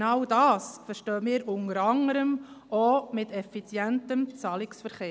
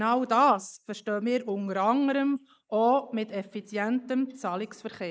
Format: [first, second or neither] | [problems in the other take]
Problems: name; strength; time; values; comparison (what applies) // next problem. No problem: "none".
first | noise reduction (neural mask model Resemble Enhance denoiser)